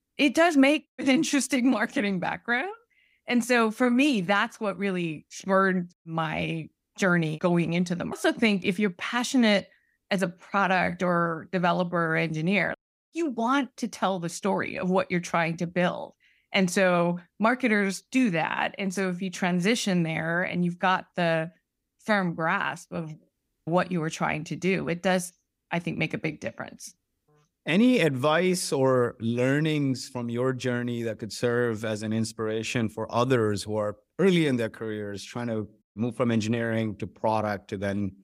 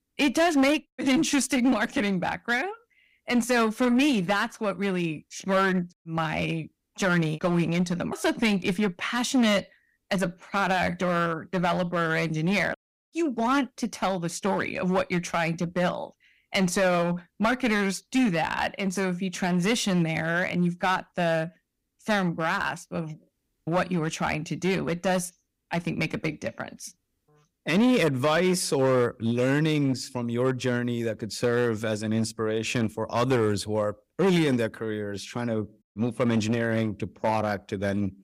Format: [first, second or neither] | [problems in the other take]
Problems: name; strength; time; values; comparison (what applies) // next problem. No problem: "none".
first | distortion; slight; 6% of the sound clipped